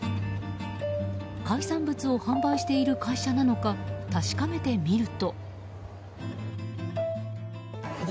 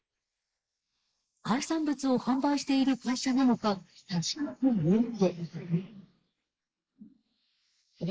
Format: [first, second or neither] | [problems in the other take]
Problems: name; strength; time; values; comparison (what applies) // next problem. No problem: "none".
first | noise reduction (neural mask model Resemble Enhance denoiser)